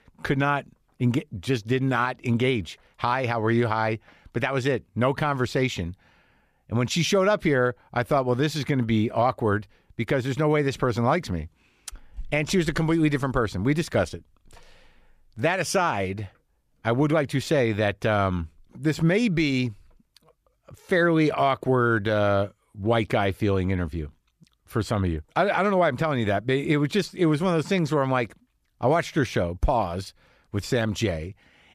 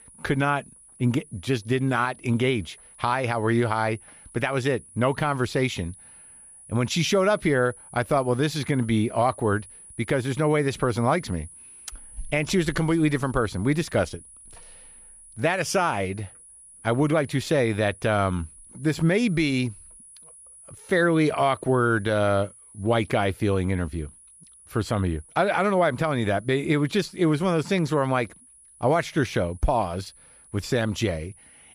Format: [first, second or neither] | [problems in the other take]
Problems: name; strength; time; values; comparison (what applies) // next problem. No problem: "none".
first | high-pitched whine; faint; throughout; 10.5 kHz, 20 dB below the speech